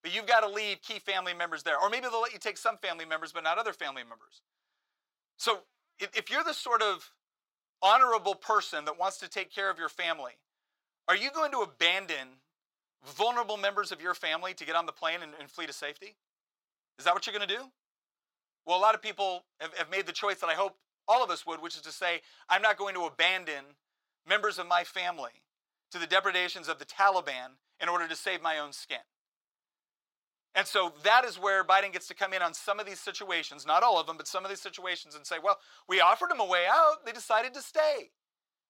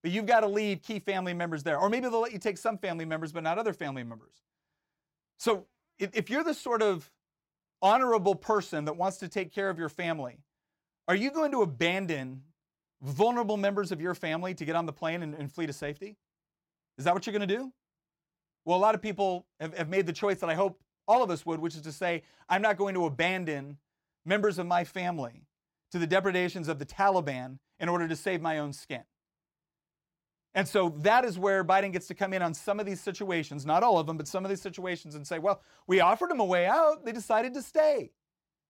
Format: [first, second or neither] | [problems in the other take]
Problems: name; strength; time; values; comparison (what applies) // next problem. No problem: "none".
second | thin; very; fading below 650 Hz